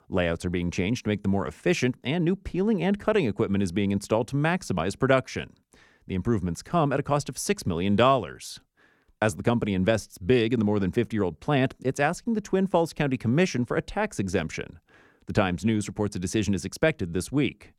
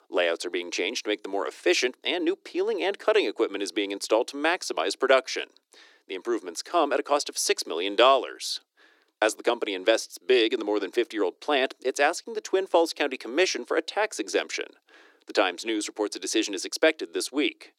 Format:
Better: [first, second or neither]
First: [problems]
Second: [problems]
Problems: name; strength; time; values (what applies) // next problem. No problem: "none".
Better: first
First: none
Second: thin; very; fading below 300 Hz